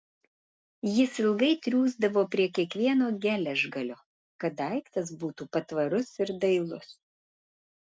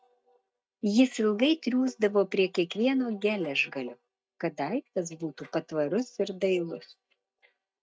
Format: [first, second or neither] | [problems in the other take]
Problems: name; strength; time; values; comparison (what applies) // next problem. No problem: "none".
first | noise reduction (neural mask model DeepFilterNet 3)